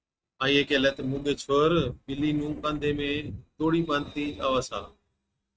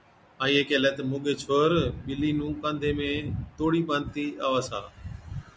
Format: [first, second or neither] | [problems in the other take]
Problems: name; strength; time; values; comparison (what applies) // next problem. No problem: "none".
second | noise reduction (neural mask model RNNoise)